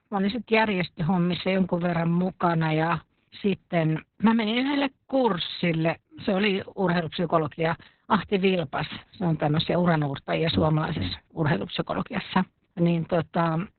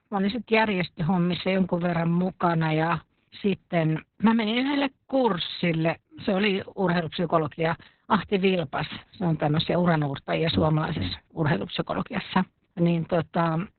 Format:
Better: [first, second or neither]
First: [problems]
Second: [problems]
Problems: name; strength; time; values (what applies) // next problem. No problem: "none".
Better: neither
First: garbled, watery; badly; nothing above 4 kHz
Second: garbled, watery; badly; nothing above 4 kHz